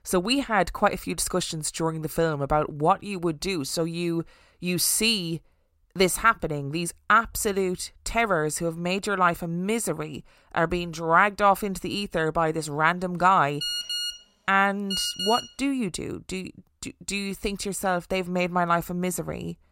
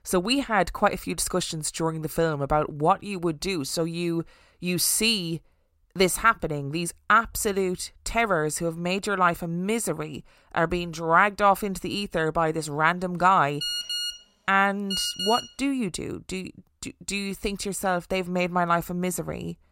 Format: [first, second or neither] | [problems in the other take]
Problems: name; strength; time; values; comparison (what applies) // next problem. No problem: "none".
neither | phone ringing; noticeable; from 14 to 15 s; peak 2 dB below the speech; the same in both